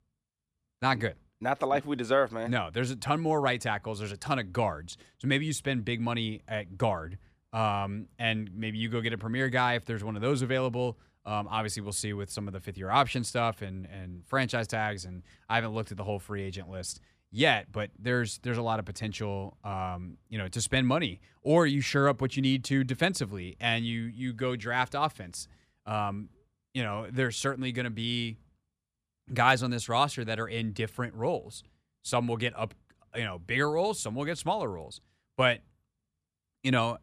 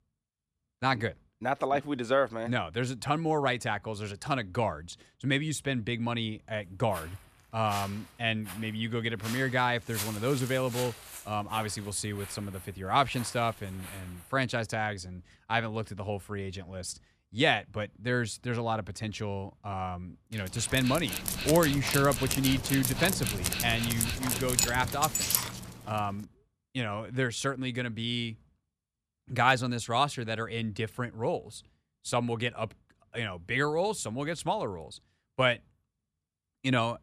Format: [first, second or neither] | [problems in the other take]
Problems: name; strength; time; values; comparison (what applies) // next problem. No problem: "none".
first | footsteps; noticeable; from 7 to 14 s; peak 5 dB below the speech // dog barking; loud; from 21 to 25 s; peak 4 dB above the speech